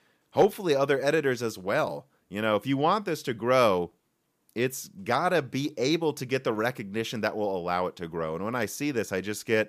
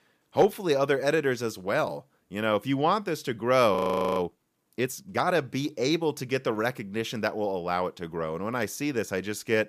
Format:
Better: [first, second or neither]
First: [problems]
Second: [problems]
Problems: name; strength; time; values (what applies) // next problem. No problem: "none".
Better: first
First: none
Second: audio freezing; at 4 s